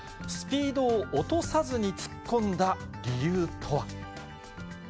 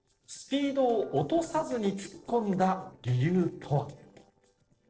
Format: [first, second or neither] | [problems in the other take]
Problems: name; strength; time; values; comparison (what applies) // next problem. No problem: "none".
first | noise reduction (neural separator model SepFormer DNS4)